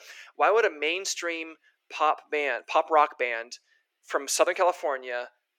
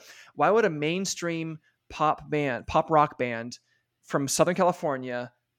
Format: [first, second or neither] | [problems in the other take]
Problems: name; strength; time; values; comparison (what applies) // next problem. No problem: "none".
second | thin; very; fading below 350 Hz